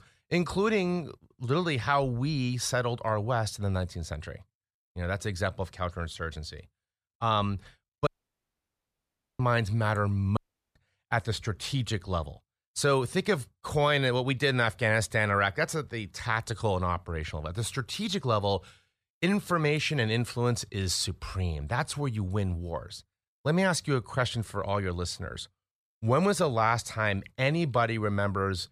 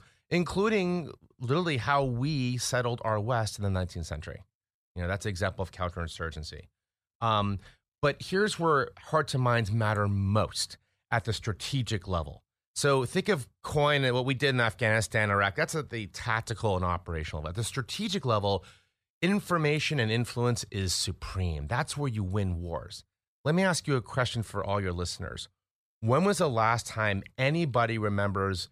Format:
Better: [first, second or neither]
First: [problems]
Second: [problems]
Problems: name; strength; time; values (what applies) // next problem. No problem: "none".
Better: second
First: audio cutting out; at 8 s for 1.5 s and at 10 s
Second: none